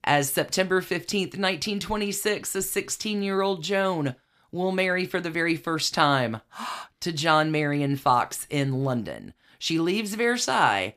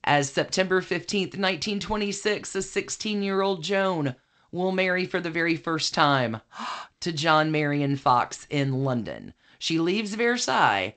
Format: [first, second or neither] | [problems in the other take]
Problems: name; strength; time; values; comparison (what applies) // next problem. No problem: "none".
first | garbled, watery; slightly; nothing above 8 kHz